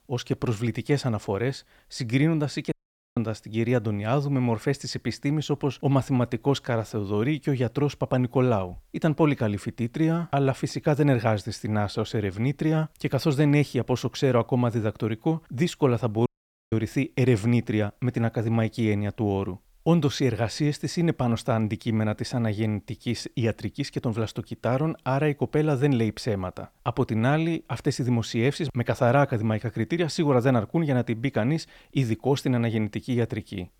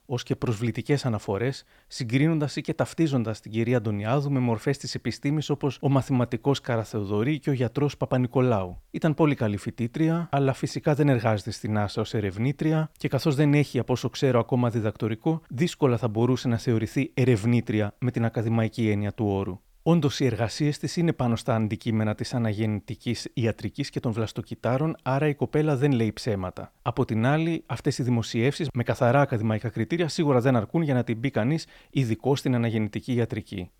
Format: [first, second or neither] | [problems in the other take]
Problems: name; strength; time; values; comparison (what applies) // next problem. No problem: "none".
second | audio cutting out; at 2.5 s and at 16 s